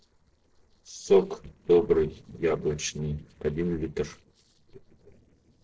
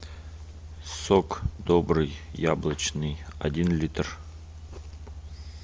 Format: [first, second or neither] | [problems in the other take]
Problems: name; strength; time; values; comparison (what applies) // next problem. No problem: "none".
second | noise reduction (neural separator model SepFormer DNS4)